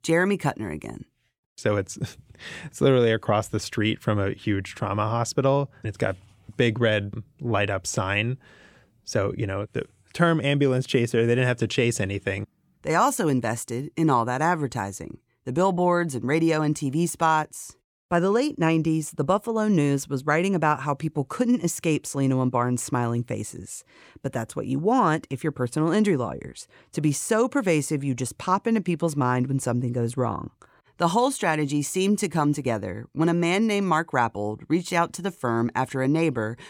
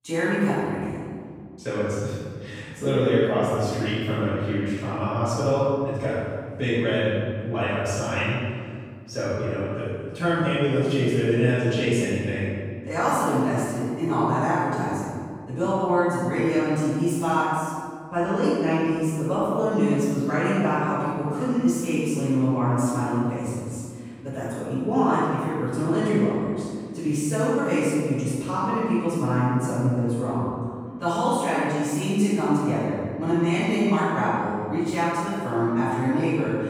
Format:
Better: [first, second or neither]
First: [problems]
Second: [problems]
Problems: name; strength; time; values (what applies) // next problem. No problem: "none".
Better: first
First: none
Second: off-mic speech; far // room echo; strong; dies away in 1.8 s